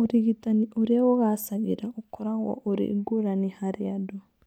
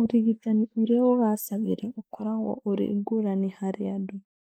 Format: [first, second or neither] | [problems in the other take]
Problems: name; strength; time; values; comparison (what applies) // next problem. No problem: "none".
first | noise reduction (neural mask model Resemble Enhance denoiser)